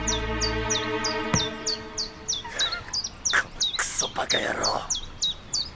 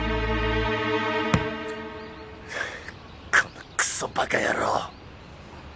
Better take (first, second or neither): second